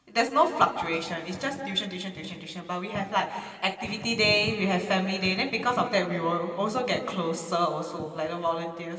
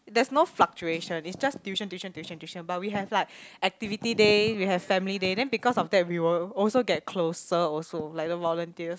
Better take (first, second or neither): second